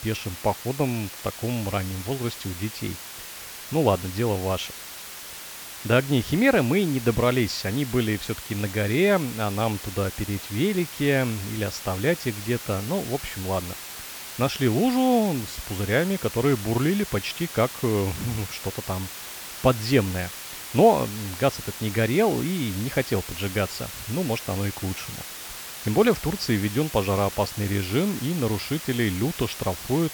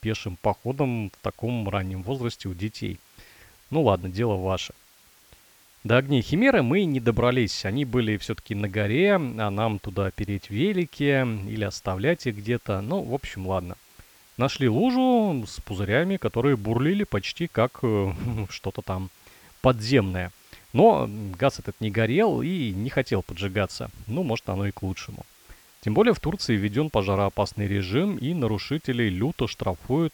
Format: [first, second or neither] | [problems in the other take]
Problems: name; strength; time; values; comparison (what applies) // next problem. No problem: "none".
second | hiss; loud; throughout; 10 dB below the speech; faint in the second